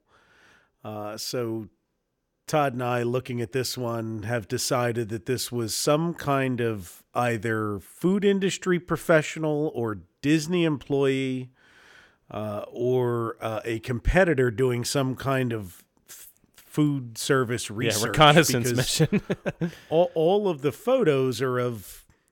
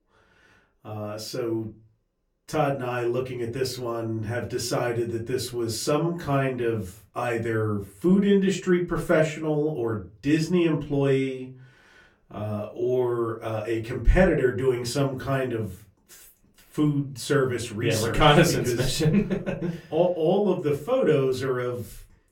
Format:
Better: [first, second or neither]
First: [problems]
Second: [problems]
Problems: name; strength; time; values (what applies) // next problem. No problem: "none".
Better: first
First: none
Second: off-mic speech; far // room echo; very slight; dies away in 0.3 s